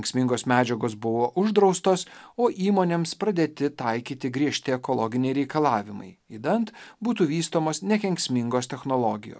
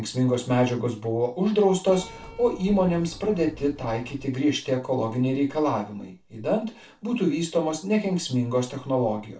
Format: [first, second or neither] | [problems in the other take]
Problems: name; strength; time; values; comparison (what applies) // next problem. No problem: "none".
first | background sound (Keyboard (musical)); 17 dB below the speech // room echo; dies away in 0.2 s